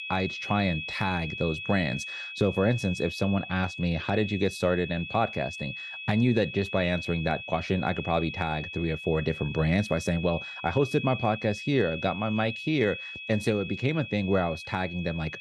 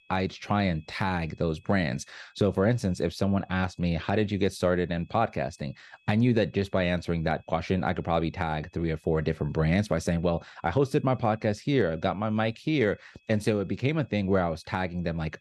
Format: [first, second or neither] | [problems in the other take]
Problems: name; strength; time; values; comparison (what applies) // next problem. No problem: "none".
second | high-pitched whine; loud; throughout; 2.5 kHz, 8 dB below the speech; faint in the second